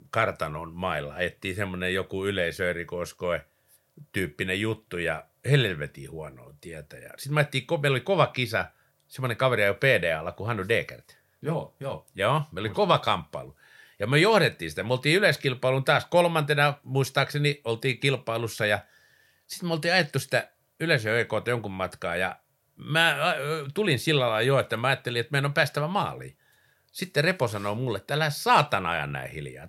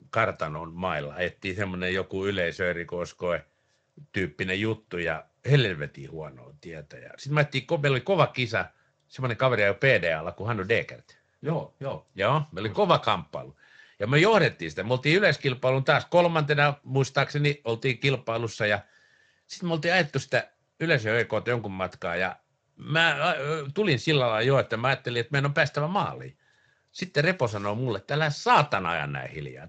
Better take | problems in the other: first | garbled, watery; slightly; nothing above 7.5 kHz

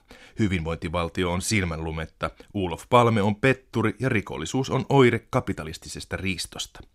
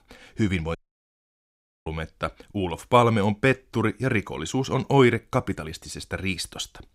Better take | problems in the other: first | audio cutting out; at 1 s for 1 s

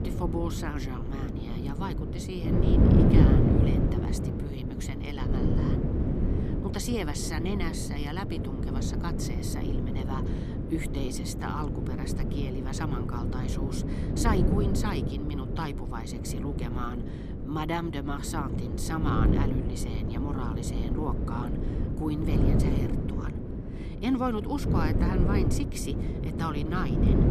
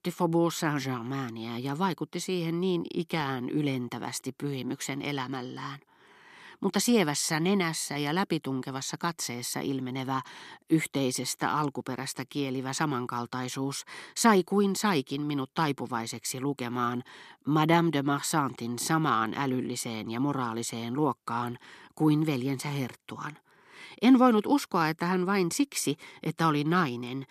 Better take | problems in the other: second | wind noise on the microphone; heavy; as loud as the speech

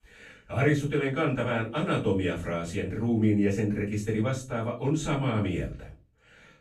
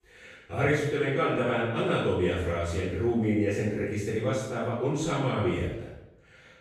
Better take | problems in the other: first | room echo; strong; dies away in 0.7 s; slight in the first // off-mic speech; far; far in the first

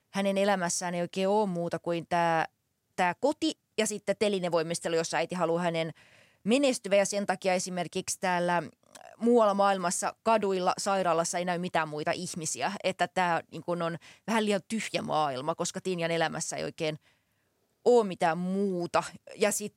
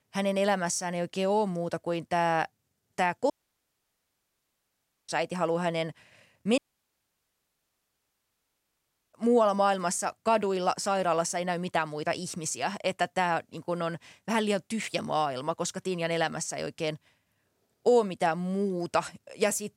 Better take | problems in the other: first | audio cutting out; at 3.5 s for 2 s and at 6.5 s for 2.5 s

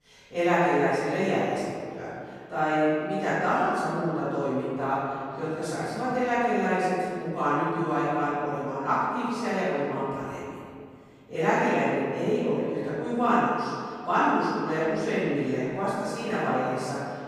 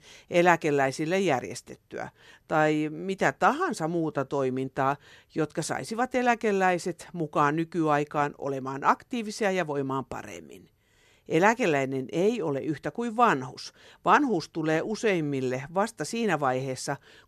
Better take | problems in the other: second | off-mic speech; far // room echo; strong; dies away in 2.1 s

